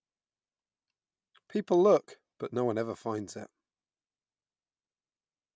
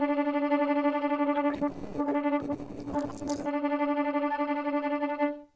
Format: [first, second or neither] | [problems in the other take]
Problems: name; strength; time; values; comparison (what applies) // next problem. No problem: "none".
first | noise reduction (neural separator model SepFormer DNS4)